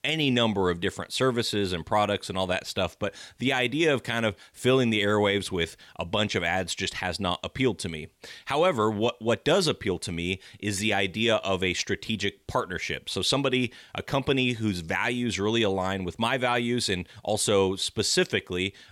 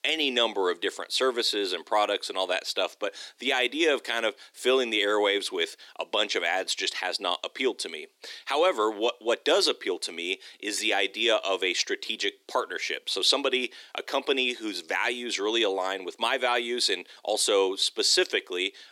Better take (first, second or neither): first